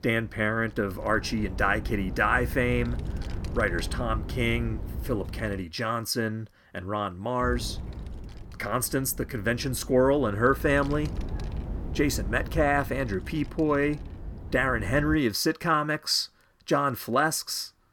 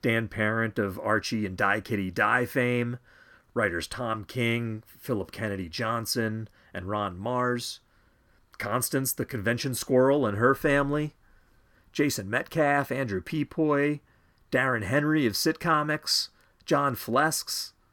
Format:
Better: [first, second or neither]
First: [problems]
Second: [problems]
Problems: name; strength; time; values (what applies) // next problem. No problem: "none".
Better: second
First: wind noise on the microphone; occasional gusts; until 5.5 s and from 7.5 to 15 s; 20 dB below the speech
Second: none